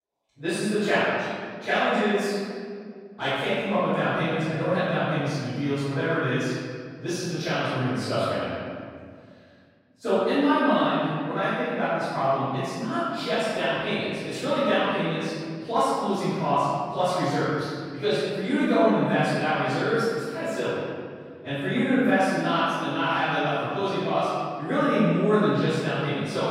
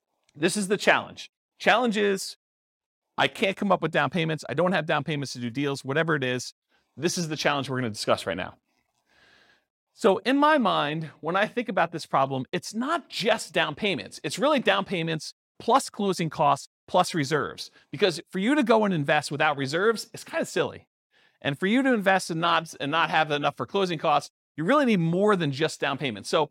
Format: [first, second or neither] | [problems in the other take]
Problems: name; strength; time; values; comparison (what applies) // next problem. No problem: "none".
second | off-mic speech; far // room echo; strong; dies away in 2 s